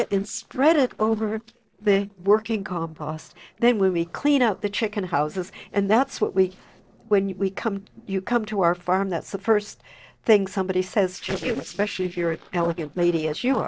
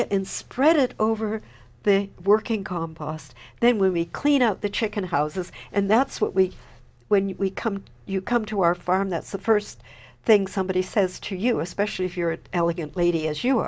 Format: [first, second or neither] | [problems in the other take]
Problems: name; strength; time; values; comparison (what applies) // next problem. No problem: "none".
second | noise reduction (neural separator model SepFormer DNS4)